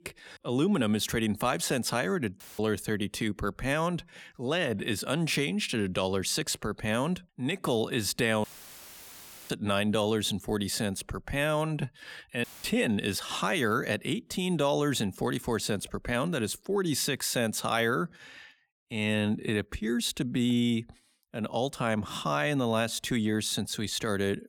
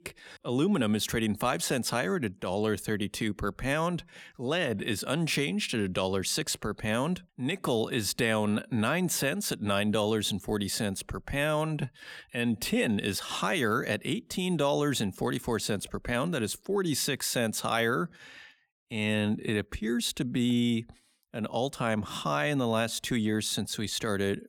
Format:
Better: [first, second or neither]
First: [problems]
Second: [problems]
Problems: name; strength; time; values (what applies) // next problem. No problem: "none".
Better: second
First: audio cutting out; filled with static; at 2.5 s, at 8.5 s for 1 s and at 12 s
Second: none